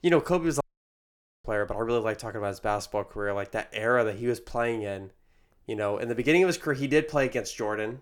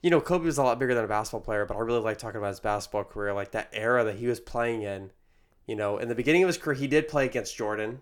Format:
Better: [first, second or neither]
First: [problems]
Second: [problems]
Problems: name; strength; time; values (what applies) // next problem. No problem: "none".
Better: second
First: audio cutting out; at 0.5 s for 1 s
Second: none